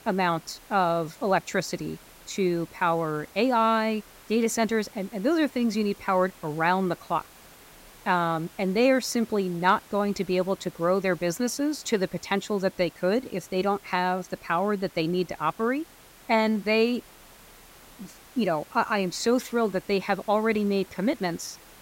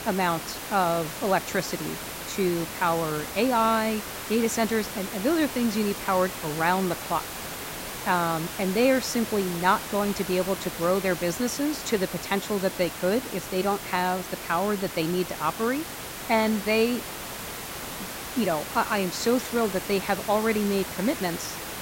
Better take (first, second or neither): first